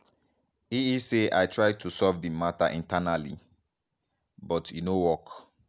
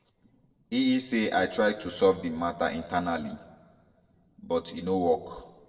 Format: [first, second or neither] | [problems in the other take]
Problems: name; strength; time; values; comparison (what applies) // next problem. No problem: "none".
first | noise reduction (neural separator model SepFormer DNS4)